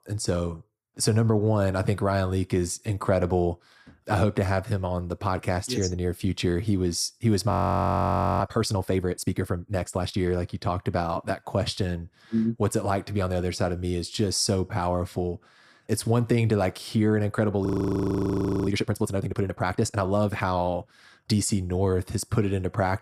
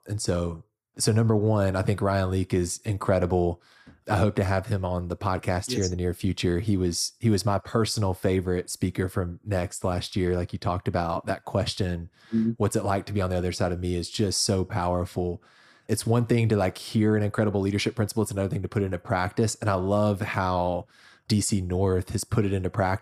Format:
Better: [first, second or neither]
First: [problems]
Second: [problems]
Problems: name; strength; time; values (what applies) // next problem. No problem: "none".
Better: second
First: audio freezing; at 7.5 s for 1 s and at 18 s for 1 s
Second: none